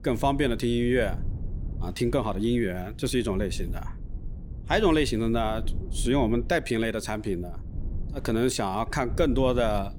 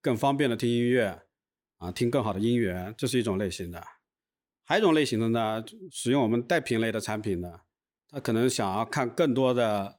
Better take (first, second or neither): second